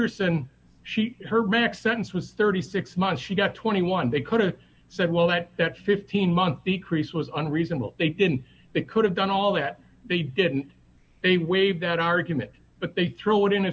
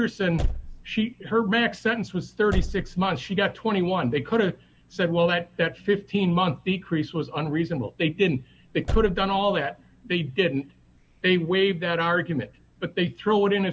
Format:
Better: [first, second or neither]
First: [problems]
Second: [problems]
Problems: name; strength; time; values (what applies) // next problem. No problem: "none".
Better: first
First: none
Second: background sound (Slam / Car); 5 dB below the speech